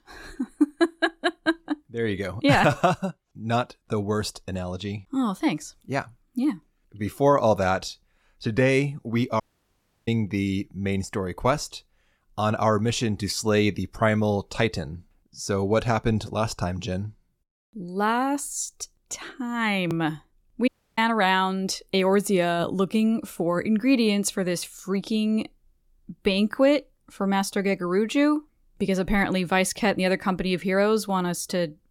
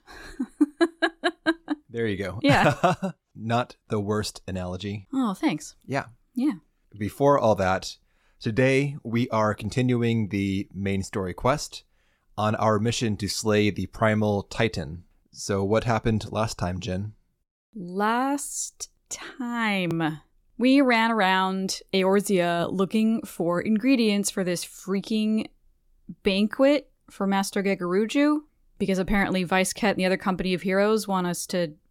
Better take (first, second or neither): second